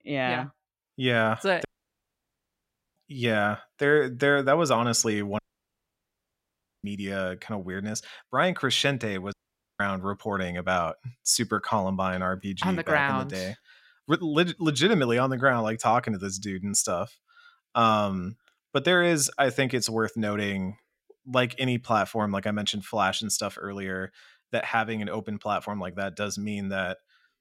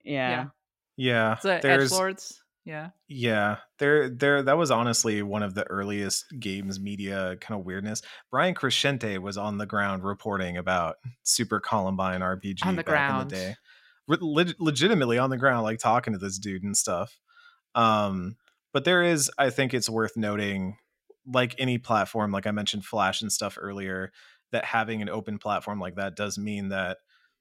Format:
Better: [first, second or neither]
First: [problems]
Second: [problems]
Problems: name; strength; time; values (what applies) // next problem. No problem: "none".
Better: second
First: audio cutting out; at 1.5 s for 1.5 s, at 5.5 s for 1.5 s and at 9.5 s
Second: none